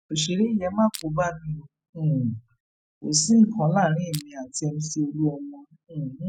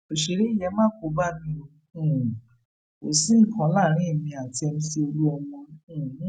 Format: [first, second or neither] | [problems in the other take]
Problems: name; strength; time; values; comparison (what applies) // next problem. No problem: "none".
second | noise reduction (classical method spectral subtraction)